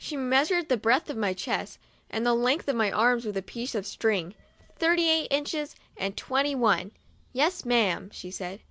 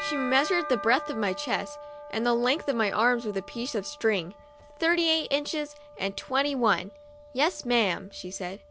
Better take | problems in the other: first | background sound (Bell); 13 dB below the speech

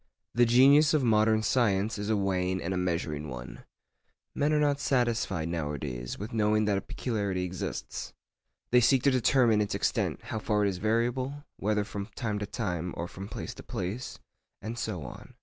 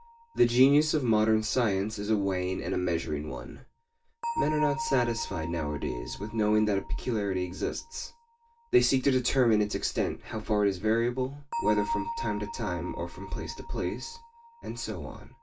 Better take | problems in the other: first | background sound (Bell); 12 dB below the speech // room echo; dies away in 0.2 s

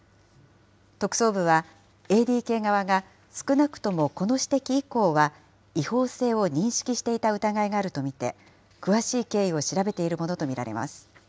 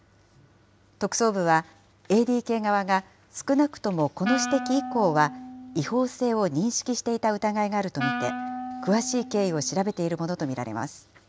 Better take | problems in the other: first | background sound (Wind instrument, woodwind instrument); 9 dB below the speech

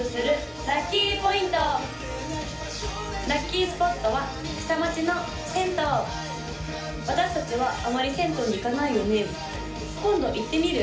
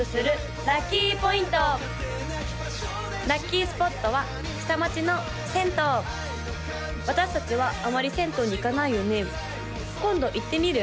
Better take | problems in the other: second | background sound (Drum kit); 16 dB below the speech // room echo; dies away in 0.4 s

